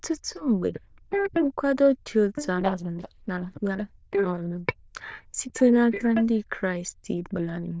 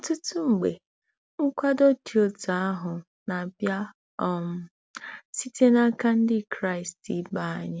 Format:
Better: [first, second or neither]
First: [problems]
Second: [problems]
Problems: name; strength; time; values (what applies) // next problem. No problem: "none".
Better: second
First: noise reduction (neural diffusion model UNIVERSE++)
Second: none